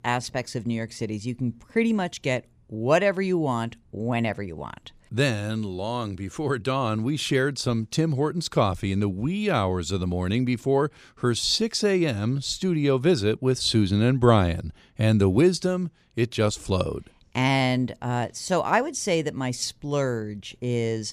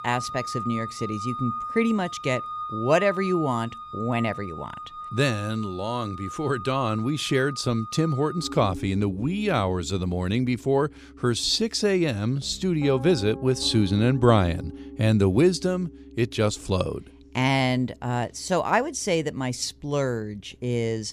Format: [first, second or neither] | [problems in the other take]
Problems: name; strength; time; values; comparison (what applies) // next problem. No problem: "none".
first | background music; noticeable; throughout; 10 dB below the speech